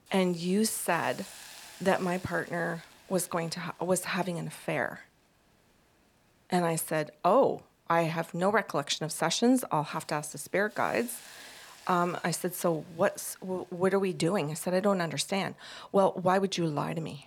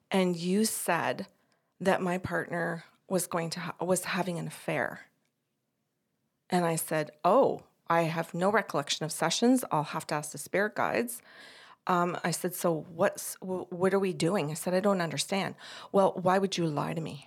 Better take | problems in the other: second | hiss; faint; throughout; 20 dB below the speech

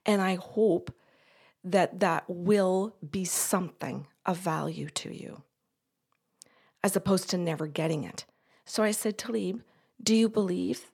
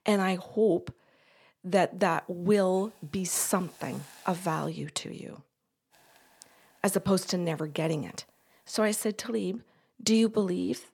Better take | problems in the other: first | hiss; faint; from 2 to 4.5 s and from 6 to 9 s; 25 dB below the speech

